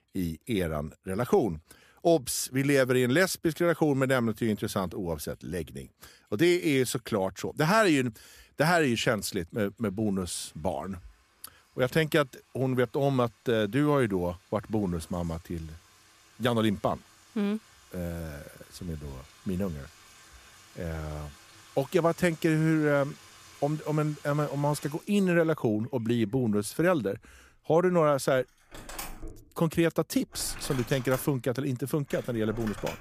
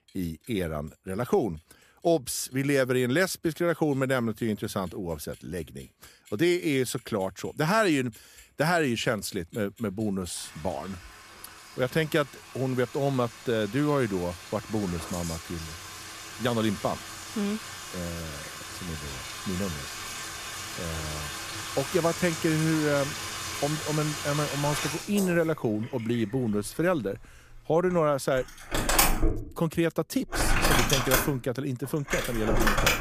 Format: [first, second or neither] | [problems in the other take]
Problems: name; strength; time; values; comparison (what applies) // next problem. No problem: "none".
first | household noises; loud; throughout; 3 dB below the speech; faint in the first